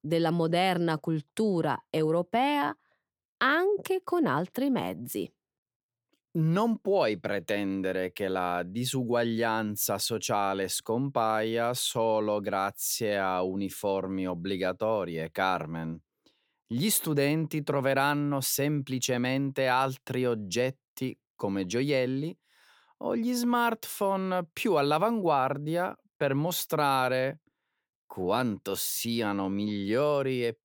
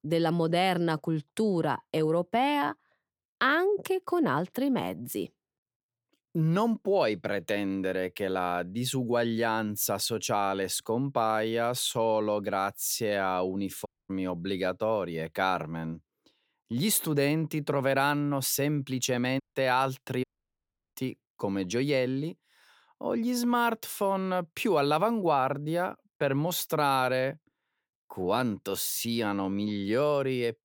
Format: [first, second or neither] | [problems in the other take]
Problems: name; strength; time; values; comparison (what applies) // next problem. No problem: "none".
first | audio cutting out; at 14 s, at 19 s and at 20 s for 0.5 s